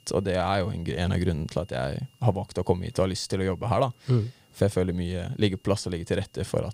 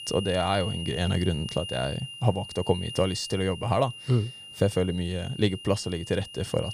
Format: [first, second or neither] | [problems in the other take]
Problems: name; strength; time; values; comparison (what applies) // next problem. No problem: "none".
first | high-pitched whine; loud; throughout; 3 kHz, 10 dB below the speech; faint in the first